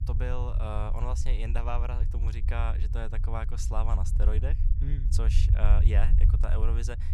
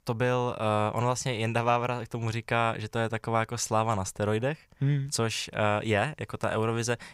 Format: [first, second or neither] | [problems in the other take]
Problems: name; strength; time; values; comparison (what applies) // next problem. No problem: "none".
second | low rumble; loud; throughout; 8 dB below the speech